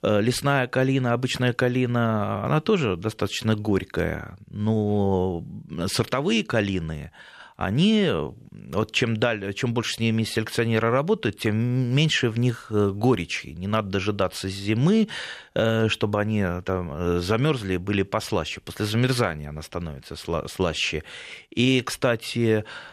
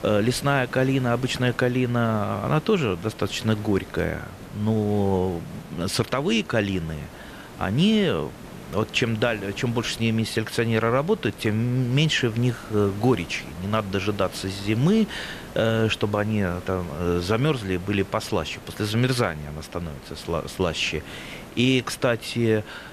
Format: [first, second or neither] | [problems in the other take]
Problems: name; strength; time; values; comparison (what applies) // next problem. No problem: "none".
first | hiss; noticeable; throughout; 15 dB below the speech